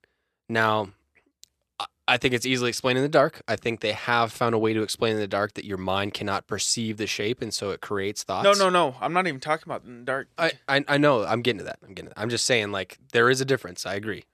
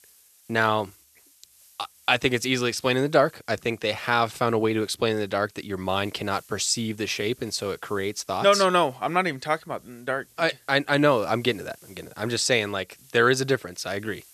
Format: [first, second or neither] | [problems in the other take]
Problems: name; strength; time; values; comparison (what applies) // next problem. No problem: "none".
first | hiss; faint; throughout; 30 dB below the speech